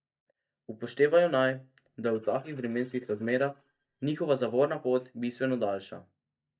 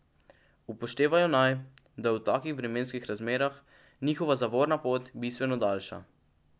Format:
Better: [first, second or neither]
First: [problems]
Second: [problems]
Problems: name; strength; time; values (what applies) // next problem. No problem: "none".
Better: second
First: noise reduction (neural mask model DeepFilterNet 3)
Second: none